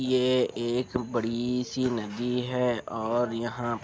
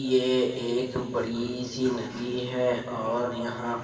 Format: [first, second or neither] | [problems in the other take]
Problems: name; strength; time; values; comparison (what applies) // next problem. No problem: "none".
first | room echo; dies away in 2.6 s